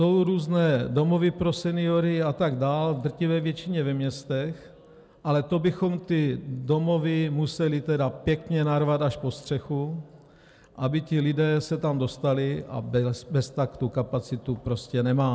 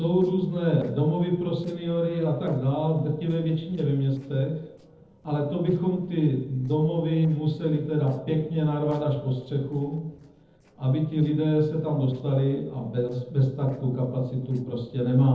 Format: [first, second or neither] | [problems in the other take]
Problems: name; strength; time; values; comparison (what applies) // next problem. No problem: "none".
first | noise reduction (neural separator model SepFormer DNS4)